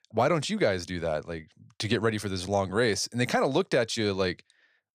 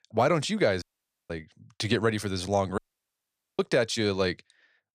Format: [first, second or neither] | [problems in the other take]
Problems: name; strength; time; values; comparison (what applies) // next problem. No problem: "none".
first | audio cutting out; at 1 s and at 3 s for 1 s